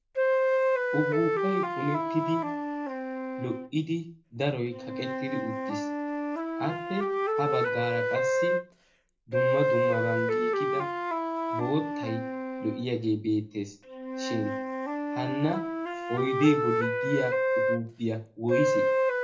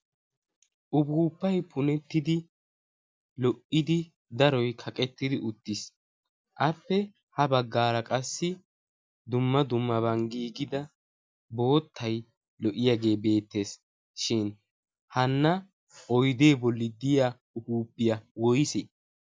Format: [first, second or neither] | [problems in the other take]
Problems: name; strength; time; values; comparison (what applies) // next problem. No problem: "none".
second | background sound (Wind instrument, woodwind instrument); 3 dB above the speech // room echo; dies away in 0.3 s